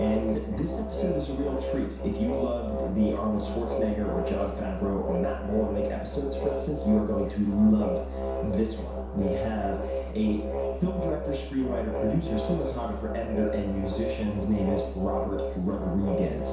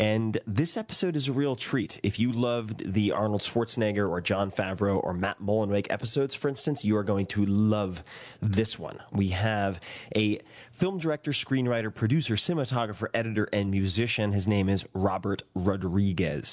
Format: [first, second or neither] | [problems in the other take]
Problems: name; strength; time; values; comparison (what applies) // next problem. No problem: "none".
second | background sound (Musical instrument); 3 dB below the speech // room echo; dies away in 0.7 s